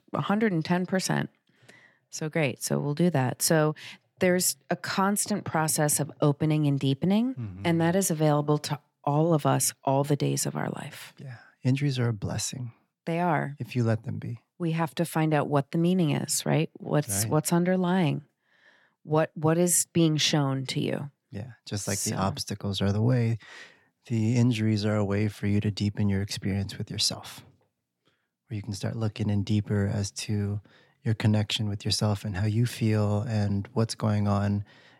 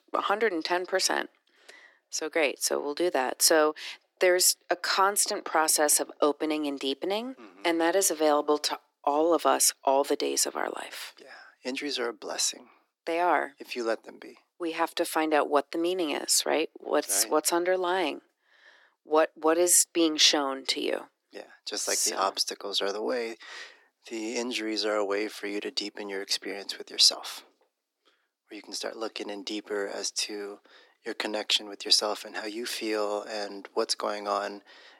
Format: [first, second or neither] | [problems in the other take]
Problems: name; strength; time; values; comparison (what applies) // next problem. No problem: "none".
first | thin; very; fading below 300 Hz